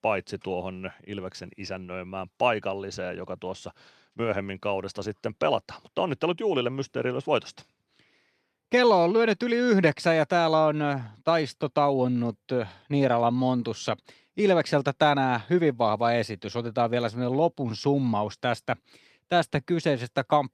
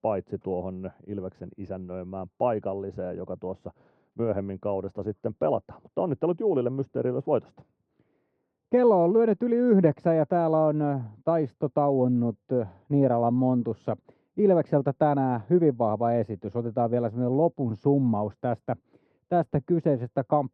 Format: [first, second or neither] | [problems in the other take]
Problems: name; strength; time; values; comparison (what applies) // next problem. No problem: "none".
first | muffled; very; fading above 1.5 kHz